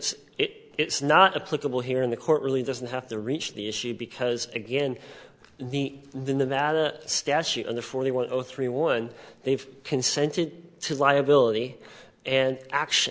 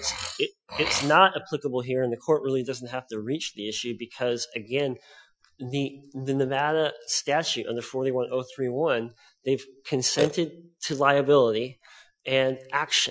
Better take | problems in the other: first | noise reduction (classical method Wiener filter)

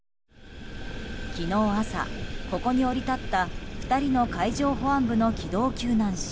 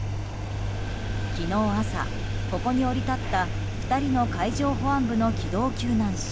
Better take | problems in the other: first | background sound (Engine); 4 dB below the speech

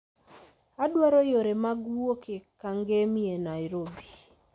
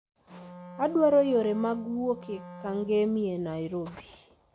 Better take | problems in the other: first | background sound (Wind instrument, woodwind instrument); 17 dB below the speech

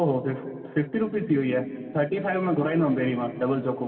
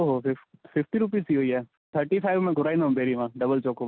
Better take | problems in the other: second | room echo; dies away in 2.6 s

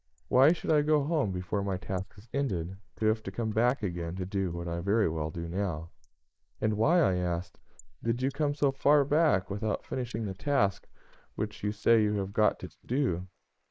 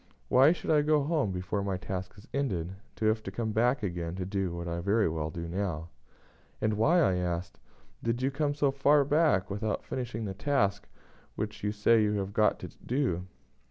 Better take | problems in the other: second | noise reduction (neural mask model Resemble Enhance denoiser)

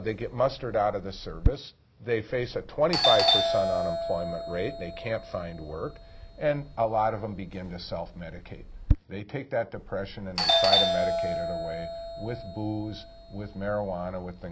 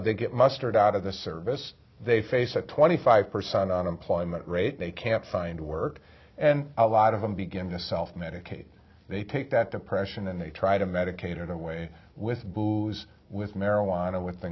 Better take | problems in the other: second | background sound (Doorbell); 1 dB above the speech

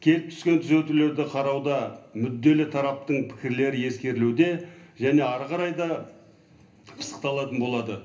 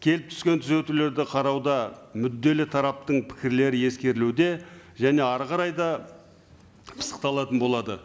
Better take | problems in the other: second | room echo; dies away in 0.3 s

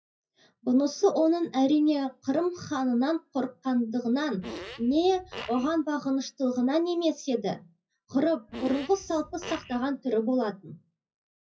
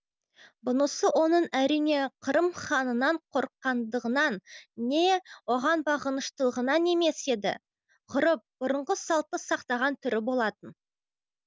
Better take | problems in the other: second | noise reduction (classical method WPE with log-MMSE)

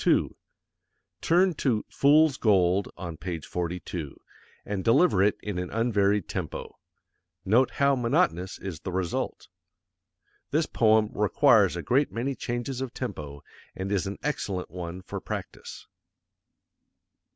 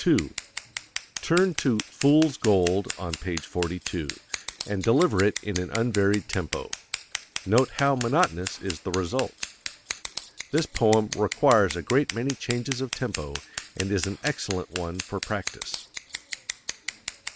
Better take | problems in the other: first | background sound (Scissors); 10 dB below the speech

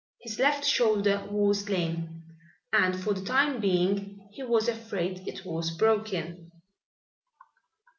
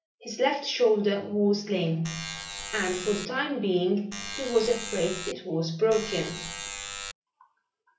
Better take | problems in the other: first | background sound (Alarm); 8 dB below the speech // room echo; dies away in 0.3 s

